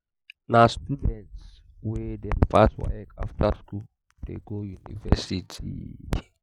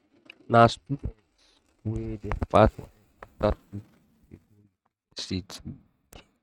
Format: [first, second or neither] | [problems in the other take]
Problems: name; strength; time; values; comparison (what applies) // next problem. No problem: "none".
first | noise reduction (neural mask model RNNoise)